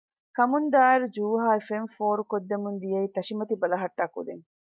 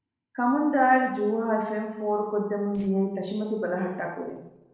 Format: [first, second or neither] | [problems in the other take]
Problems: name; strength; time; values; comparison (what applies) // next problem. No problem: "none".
first | noise reduction (neural separator model SepFormer DNS4)